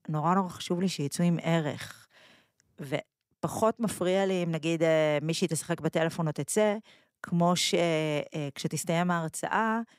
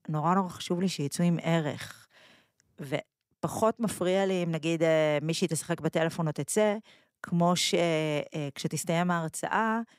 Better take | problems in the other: neither | none

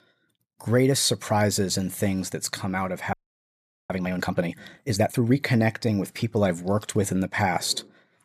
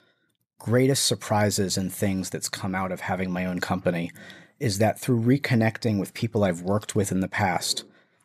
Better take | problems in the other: second | audio freezing; at 3 s for 1 s

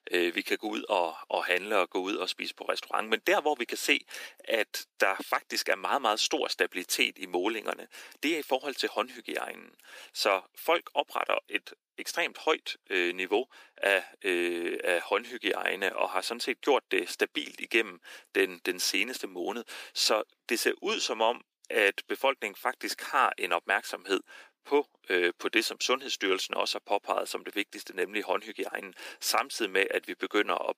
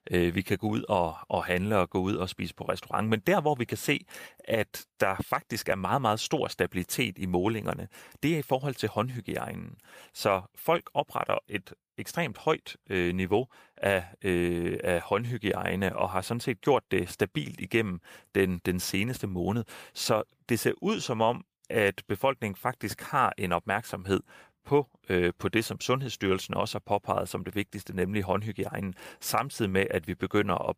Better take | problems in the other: second | thin; somewhat; fading below 250 Hz

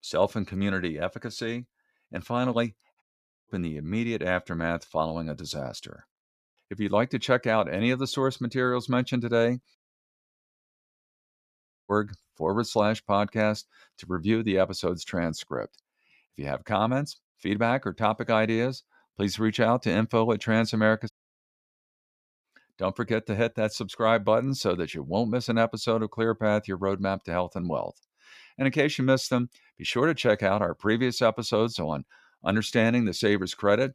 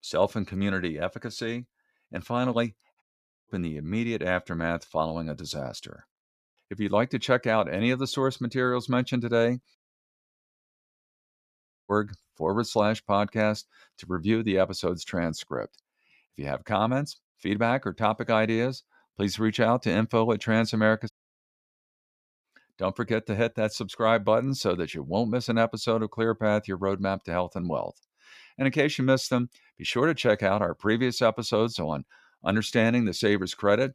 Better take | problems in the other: neither | audio cutting out; at 3 s, at 10 s for 2 s and at 21 s for 1.5 s; the same in both

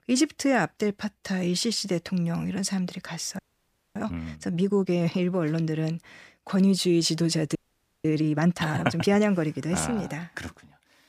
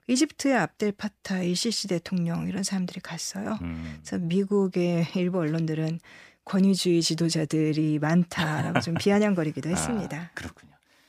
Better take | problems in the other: second | audio freezing; at 3.5 s for 0.5 s and at 7.5 s

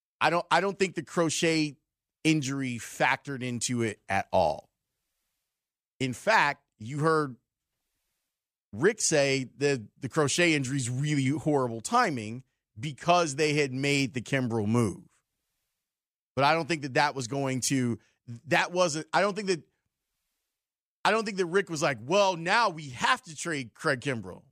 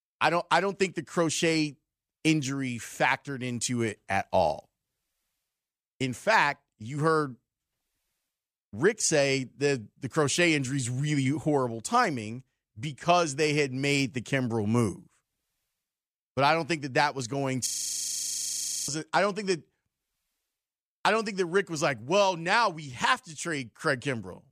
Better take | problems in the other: first | audio freezing; at 18 s for 1 s

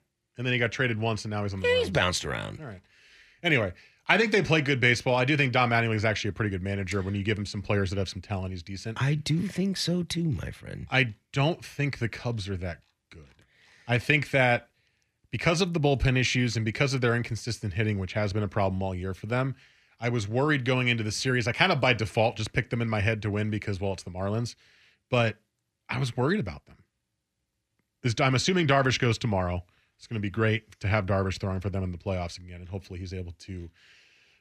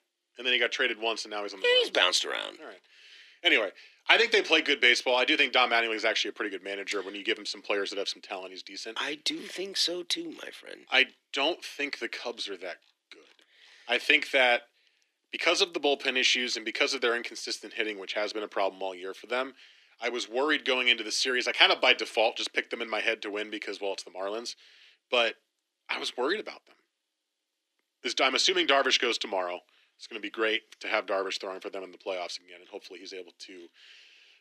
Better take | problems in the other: first | thin; very; fading below 300 Hz

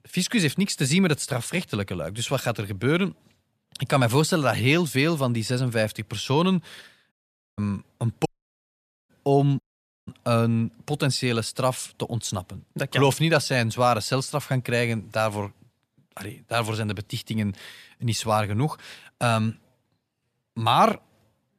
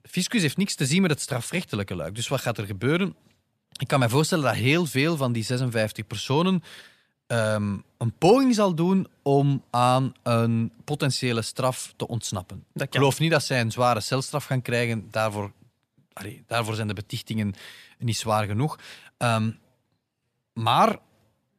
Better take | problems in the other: second | audio cutting out; at 7 s, at 8.5 s for 1 s and at 9.5 s

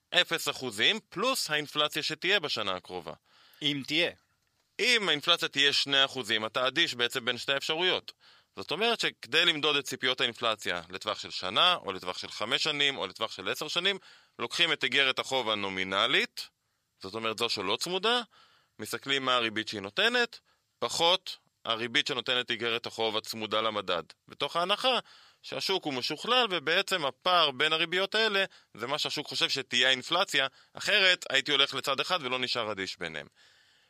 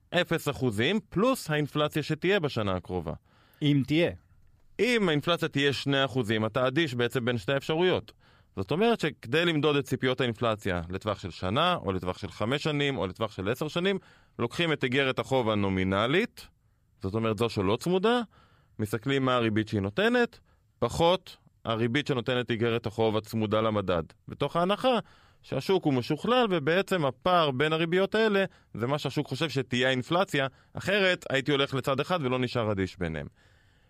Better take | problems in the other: second | thin; somewhat; fading below 850 Hz

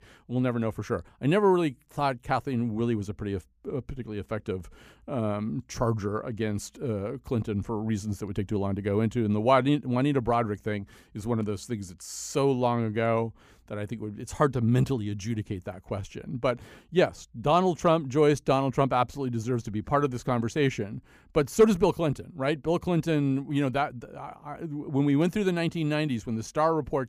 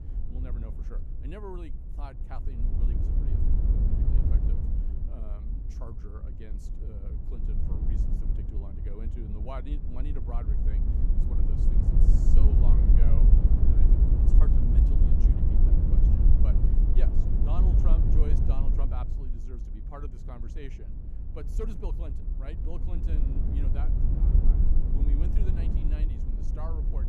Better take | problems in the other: first | wind noise on the microphone; heavy; 3 dB above the speech

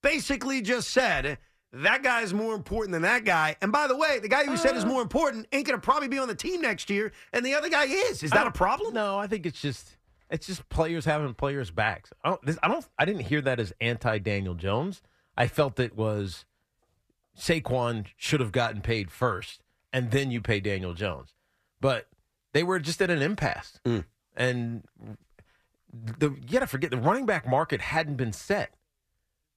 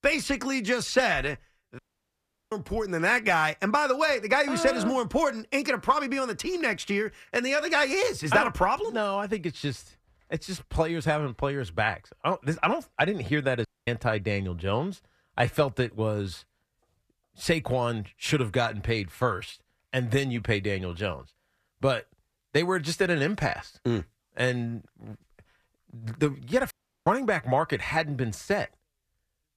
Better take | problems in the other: first | audio cutting out; at 2 s for 0.5 s, at 14 s and at 27 s

